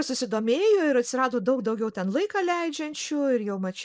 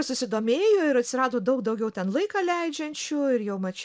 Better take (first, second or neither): second